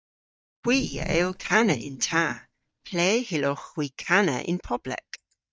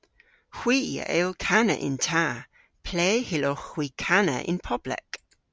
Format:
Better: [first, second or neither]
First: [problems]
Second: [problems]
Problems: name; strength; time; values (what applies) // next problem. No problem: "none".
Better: second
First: noise reduction (neural mask model DeepFilterNet 3)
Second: none